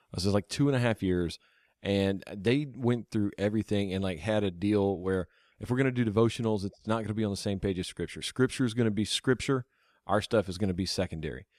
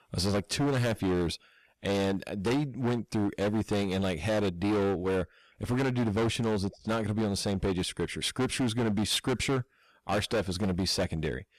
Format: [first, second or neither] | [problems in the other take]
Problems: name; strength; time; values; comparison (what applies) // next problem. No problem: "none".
first | distortion; heavy; 19% of the sound clipped